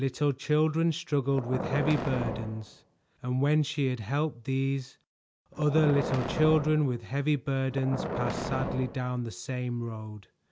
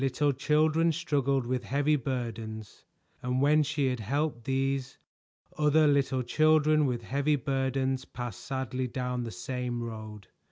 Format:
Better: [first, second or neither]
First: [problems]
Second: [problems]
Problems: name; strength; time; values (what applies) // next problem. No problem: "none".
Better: second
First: background sound (Boom); 7 dB below the speech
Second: none